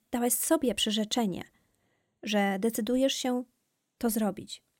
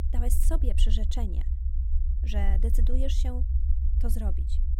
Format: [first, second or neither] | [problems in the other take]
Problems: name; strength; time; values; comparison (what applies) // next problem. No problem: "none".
first | low rumble; loud; throughout; 8 dB below the speech